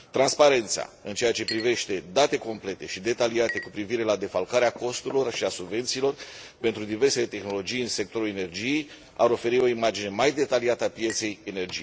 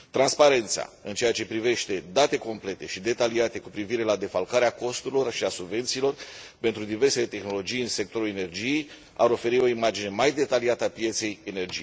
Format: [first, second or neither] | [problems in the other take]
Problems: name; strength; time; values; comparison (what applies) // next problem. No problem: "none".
second | background sound (Chink, clink); 20 dB below the speech